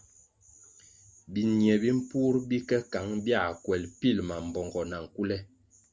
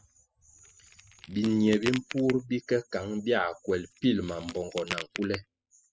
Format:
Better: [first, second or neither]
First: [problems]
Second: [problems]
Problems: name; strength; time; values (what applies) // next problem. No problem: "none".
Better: first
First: none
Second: noise reduction (classical method spectral subtraction)